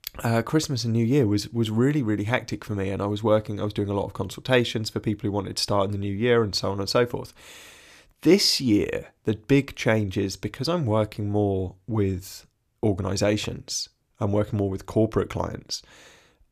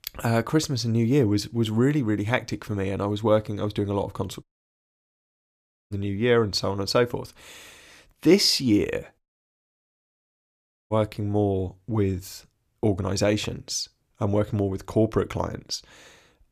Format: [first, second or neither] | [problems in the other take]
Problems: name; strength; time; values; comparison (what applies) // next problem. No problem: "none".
first | audio cutting out; at 4.5 s for 1.5 s and at 9 s for 1.5 s